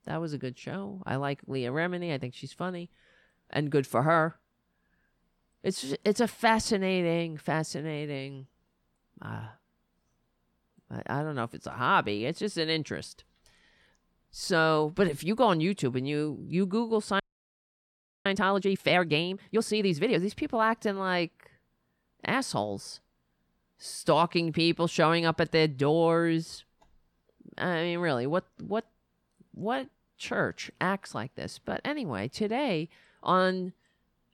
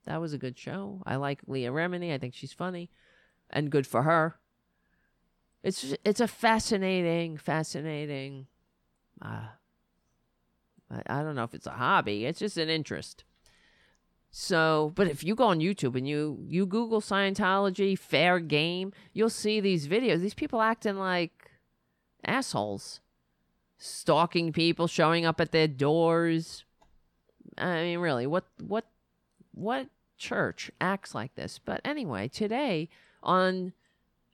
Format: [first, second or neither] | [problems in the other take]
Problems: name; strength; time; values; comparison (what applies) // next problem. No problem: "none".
second | audio freezing; at 17 s for 1 s